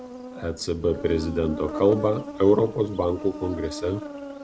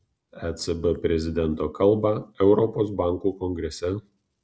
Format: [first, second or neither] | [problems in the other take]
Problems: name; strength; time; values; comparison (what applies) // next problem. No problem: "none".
second | background sound (Insect); 11 dB below the speech